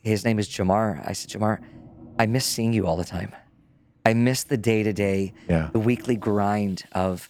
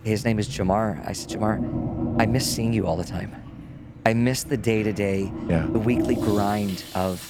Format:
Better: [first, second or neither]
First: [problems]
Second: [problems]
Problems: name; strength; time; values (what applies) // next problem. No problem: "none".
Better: first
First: household noises; faint; throughout; 25 dB below the speech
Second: household noises; loud; throughout; 6 dB below the speech